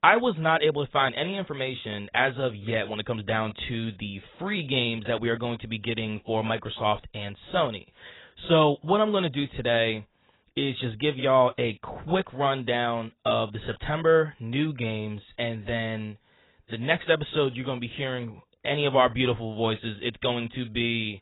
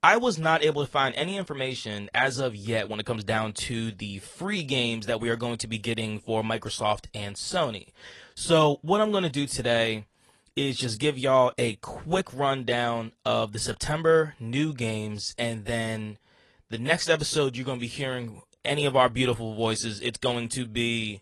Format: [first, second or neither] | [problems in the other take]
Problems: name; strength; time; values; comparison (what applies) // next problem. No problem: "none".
second | garbled, watery; badly; nothing above 4 kHz; slightly in the second